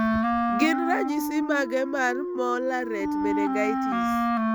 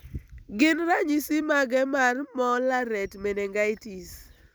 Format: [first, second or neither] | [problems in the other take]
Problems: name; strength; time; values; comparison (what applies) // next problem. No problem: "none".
second | background sound (Wind instrument, woodwind instrument); 2 dB above the speech